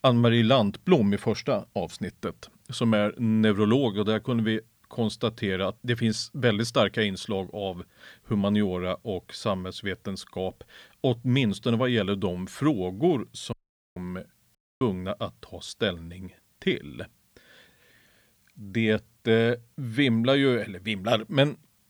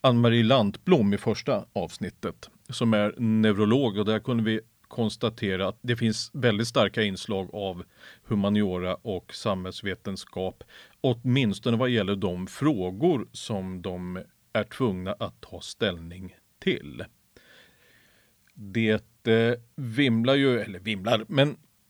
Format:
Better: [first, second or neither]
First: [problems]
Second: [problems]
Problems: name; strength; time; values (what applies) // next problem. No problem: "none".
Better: second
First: audio cutting out; at 14 s and at 15 s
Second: none